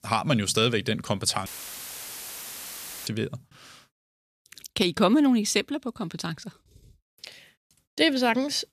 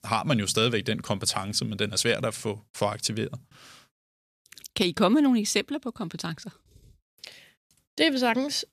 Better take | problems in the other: second | audio cutting out; filled with static; at 1.5 s for 1.5 s

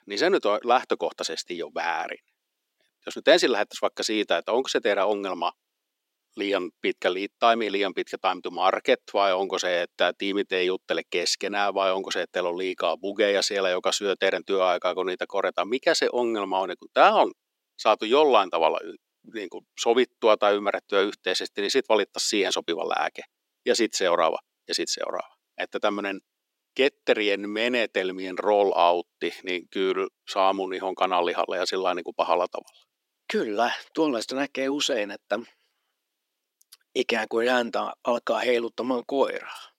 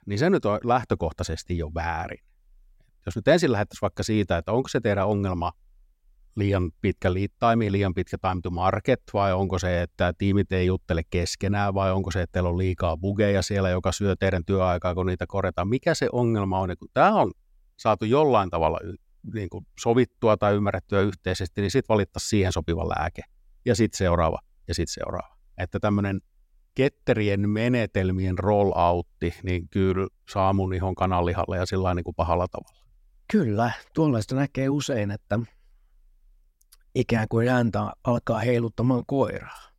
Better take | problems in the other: second | thin; somewhat; fading below 300 Hz

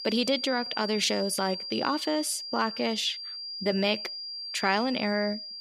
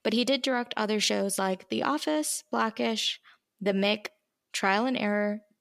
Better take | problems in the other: second | high-pitched whine; loud; throughout; 4.5 kHz, 6 dB below the speech

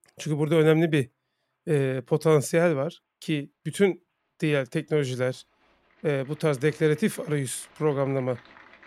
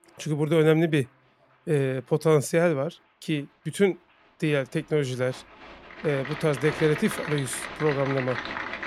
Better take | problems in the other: first | crowd noise; loud; throughout; 9 dB below the speech; faint in the first

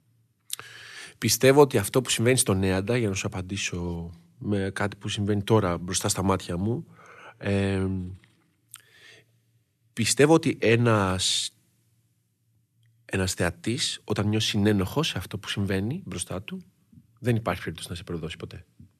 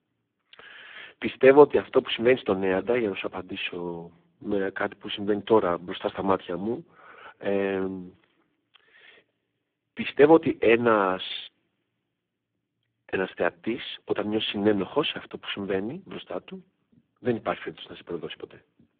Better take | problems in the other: first | phone-call audio; poor line

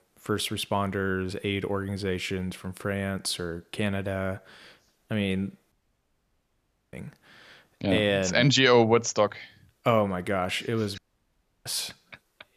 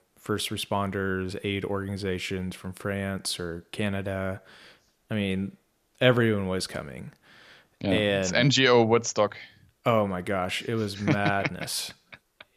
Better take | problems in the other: second | audio cutting out; at 5.5 s for 1 s and at 11 s for 0.5 s

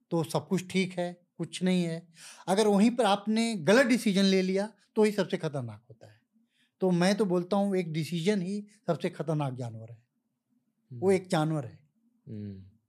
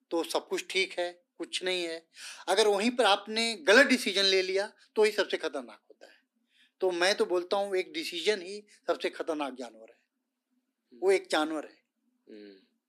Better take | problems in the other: first | thin; somewhat; fading below 250 Hz

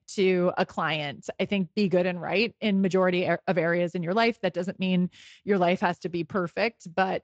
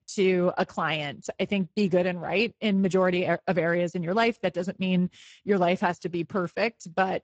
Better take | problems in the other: first | garbled, watery; badly; nothing above 7.5 kHz; slightly in the first

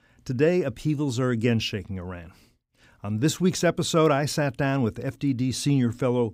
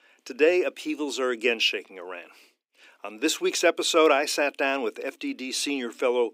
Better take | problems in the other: first | thin; somewhat; fading below 300 Hz

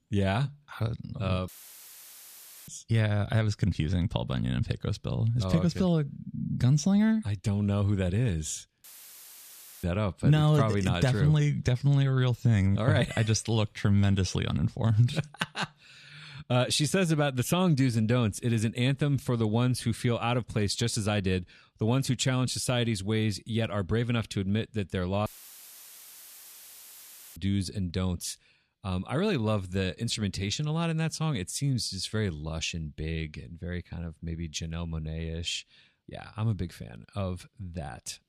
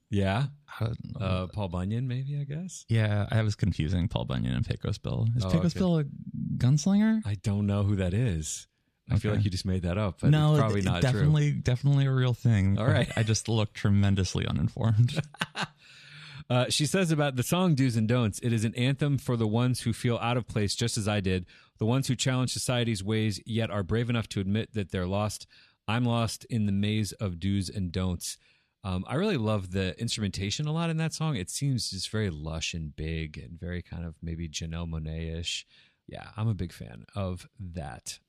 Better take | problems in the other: second | audio cutting out; filled with static; at 1.5 s for 1 s, at 9 s for 1 s and at 25 s for 2 s

